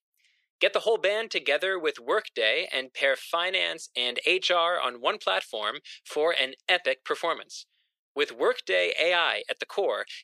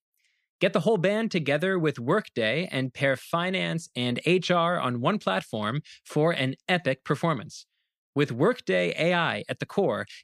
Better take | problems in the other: second | thin; very; fading below 450 Hz

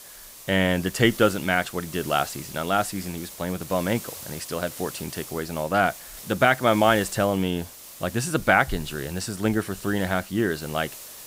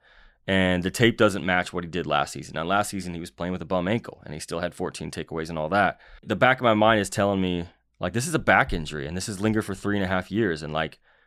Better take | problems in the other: second | hiss; noticeable; throughout; 15 dB below the speech

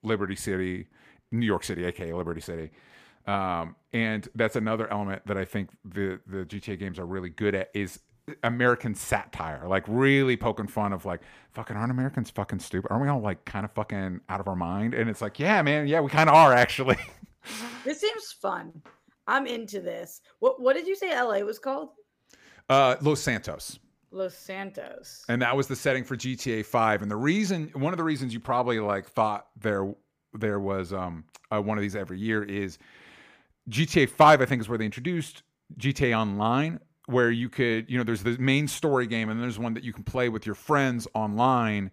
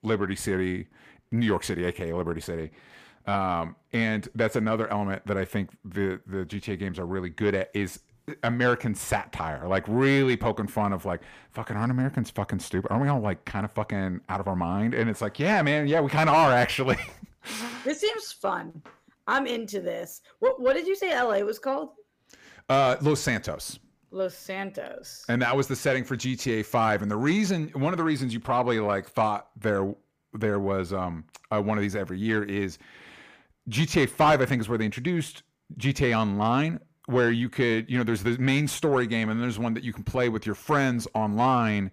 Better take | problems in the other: first | distortion; slight; 10 dB below the speech

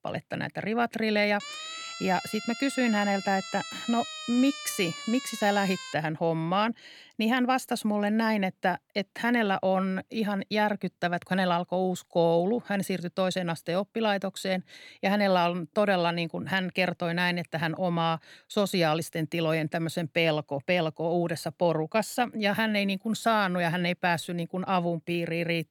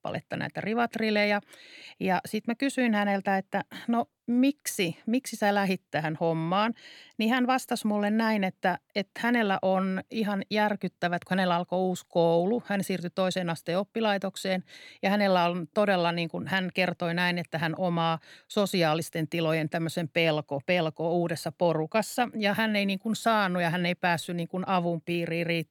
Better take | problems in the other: second | siren; noticeable; from 1.5 to 6 s; peak 8 dB below the speech

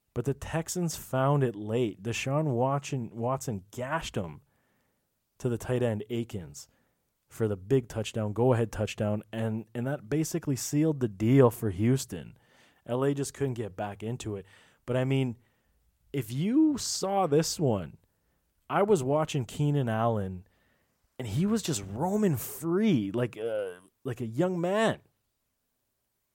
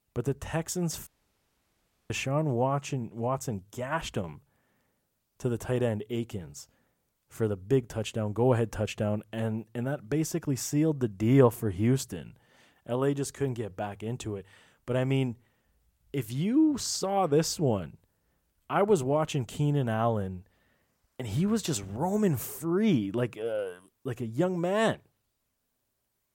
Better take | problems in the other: first | audio cutting out; at 1 s for 1 s

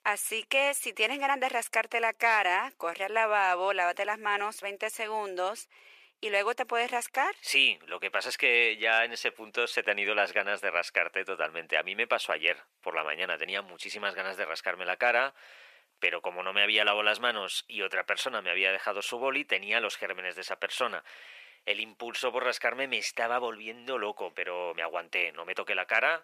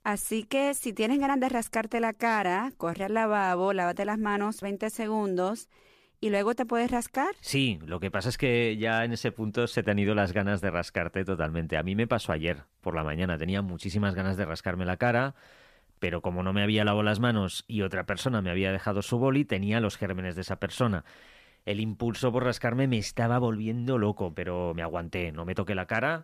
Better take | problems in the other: second | thin; very; fading below 500 Hz

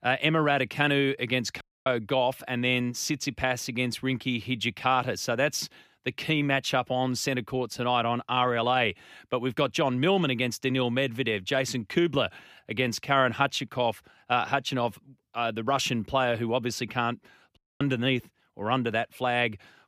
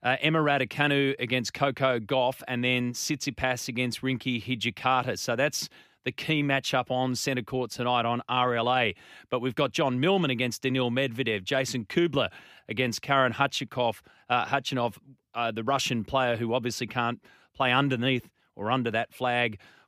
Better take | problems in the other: second | audio cutting out; at 1.5 s and at 18 s

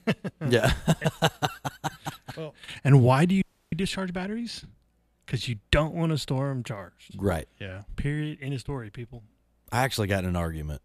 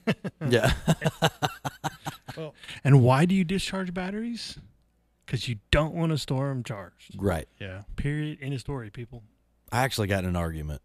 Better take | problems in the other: second | audio freezing; at 3.5 s

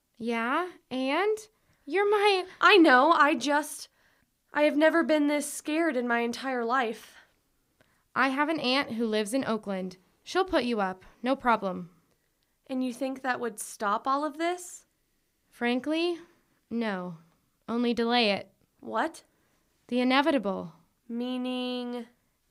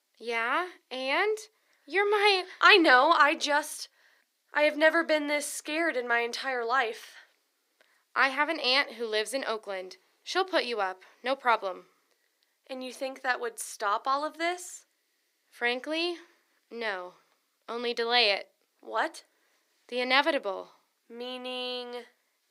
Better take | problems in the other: first | thin; somewhat; fading below 350 Hz

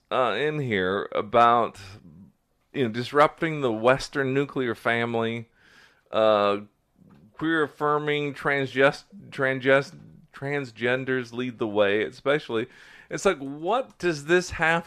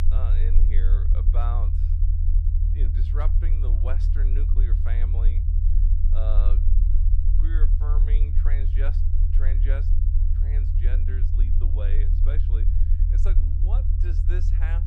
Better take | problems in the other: first | low rumble; loud; throughout; 2 dB below the speech

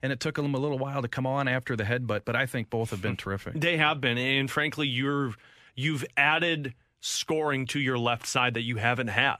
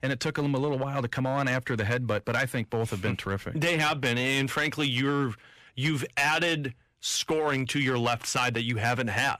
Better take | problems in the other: first | distortion; slight; 5% of the sound clipped

